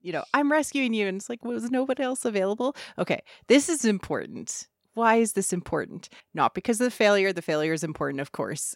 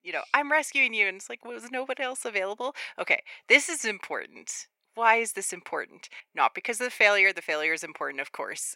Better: first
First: none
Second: thin; somewhat; fading below 550 Hz

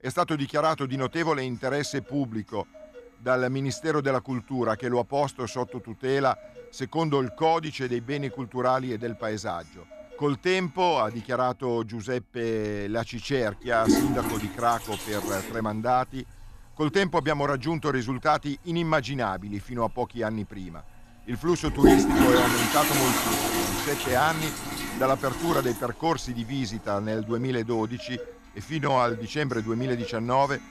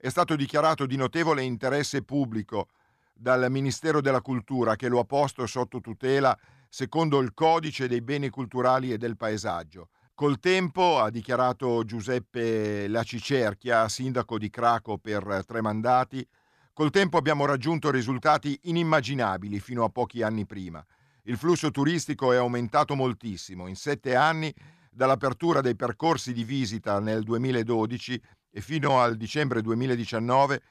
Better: second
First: household noises; very loud; throughout; 1 dB above the speech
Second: none

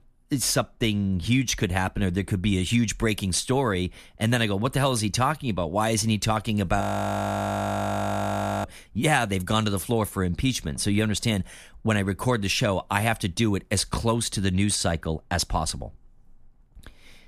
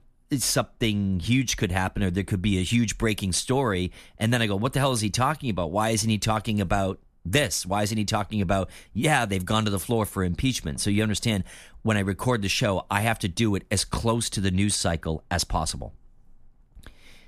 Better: second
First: audio freezing; at 7 s for 2 s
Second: none

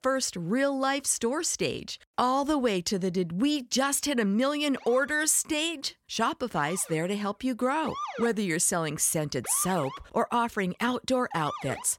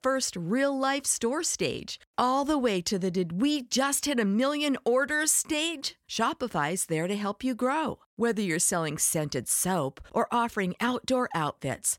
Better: second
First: siren; noticeable; from 5 s on; peak 8 dB below the speech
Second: none

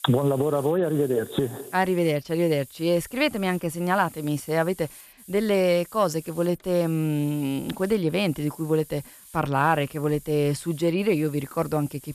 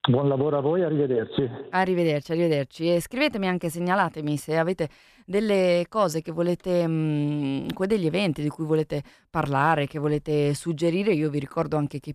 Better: second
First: hiss; noticeable; throughout; 20 dB below the speech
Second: none

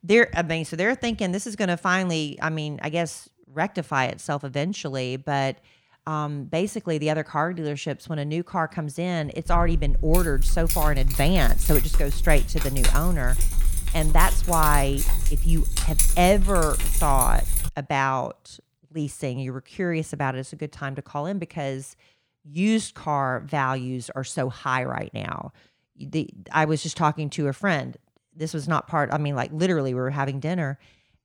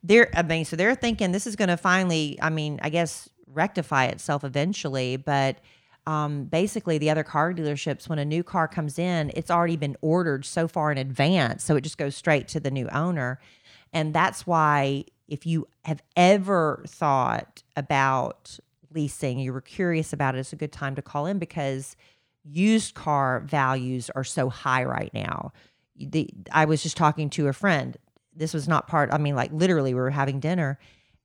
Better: second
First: jangling keys; loud; from 9.5 to 18 s; peak 4 dB above the speech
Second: none

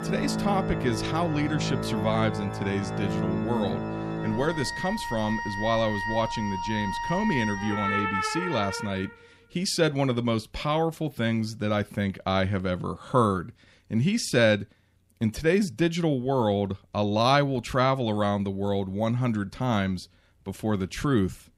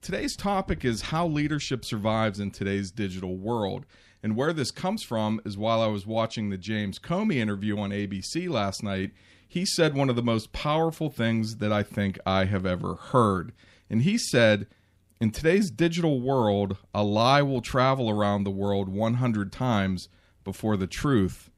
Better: second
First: background music; loud; until 8.5 s; 4 dB below the speech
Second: none

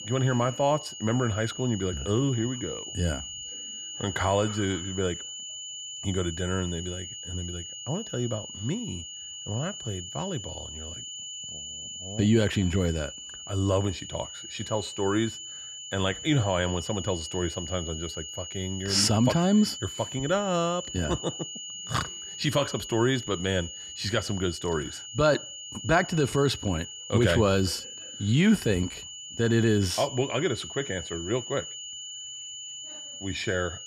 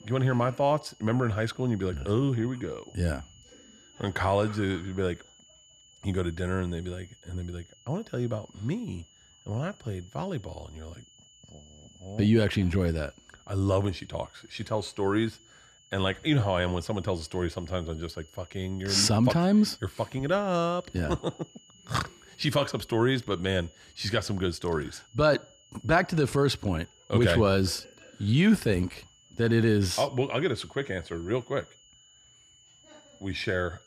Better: second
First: high-pitched whine; loud; throughout; 3 kHz, 9 dB below the speech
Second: high-pitched whine; faint; throughout; 3 kHz, 30 dB below the speech

